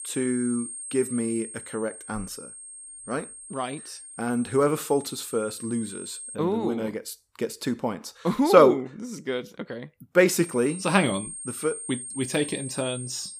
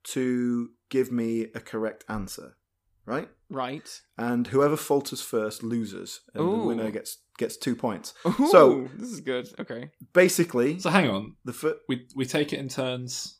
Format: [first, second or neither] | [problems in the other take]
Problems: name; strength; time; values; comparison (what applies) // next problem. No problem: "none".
second | high-pitched whine; noticeable; until 6.5 s and from 10 s on; 8.5 kHz, 10 dB below the speech